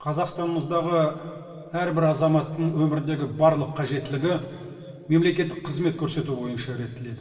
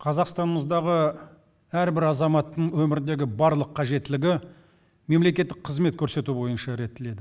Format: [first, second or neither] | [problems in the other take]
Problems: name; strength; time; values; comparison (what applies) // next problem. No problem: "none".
second | room echo; dies away in 2.8 s